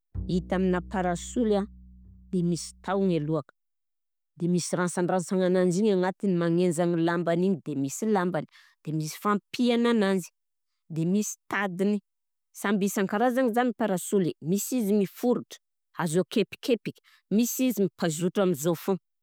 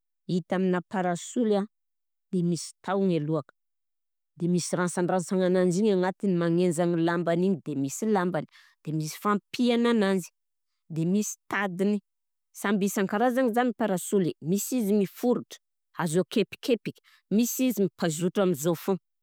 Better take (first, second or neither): second